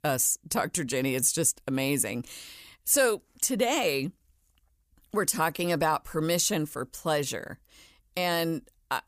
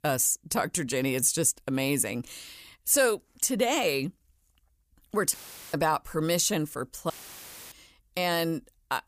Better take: first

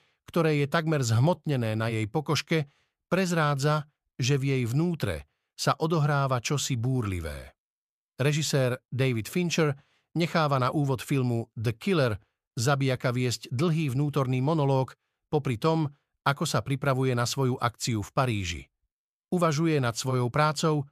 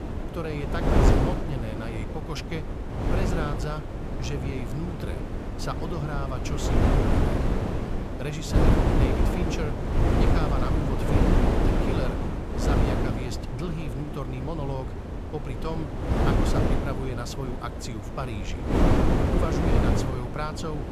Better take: first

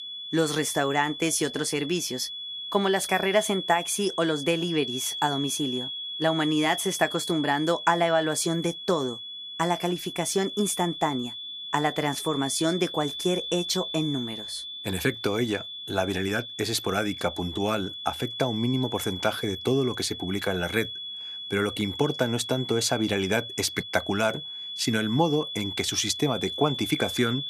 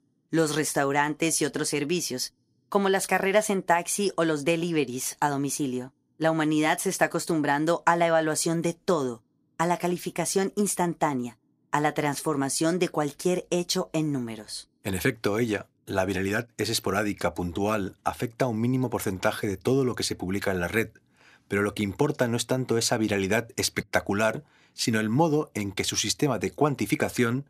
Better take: second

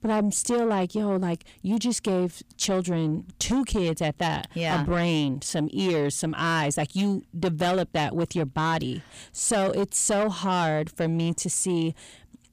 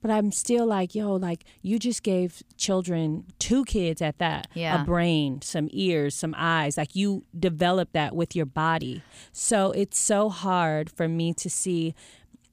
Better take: second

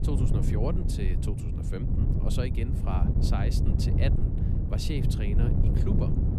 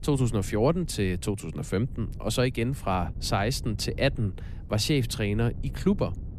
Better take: second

